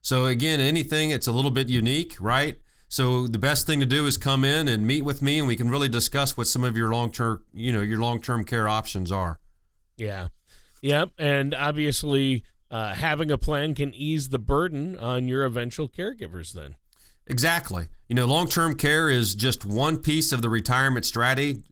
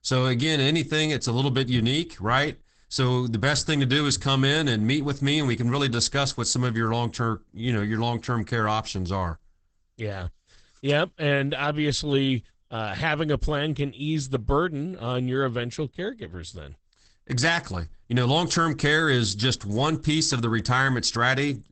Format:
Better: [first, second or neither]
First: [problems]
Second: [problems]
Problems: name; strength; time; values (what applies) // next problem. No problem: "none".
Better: first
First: garbled, watery; slightly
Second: garbled, watery; badly; nothing above 8 kHz